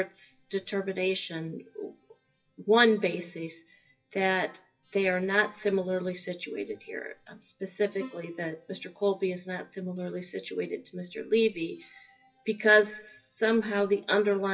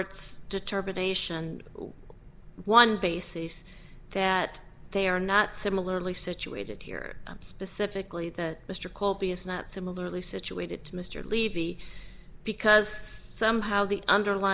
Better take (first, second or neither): second